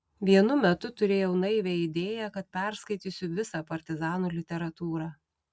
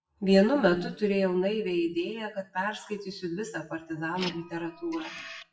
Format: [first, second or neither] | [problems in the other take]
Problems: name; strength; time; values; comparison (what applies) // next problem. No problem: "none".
first | noise reduction (classical method WPE with log-MMSE)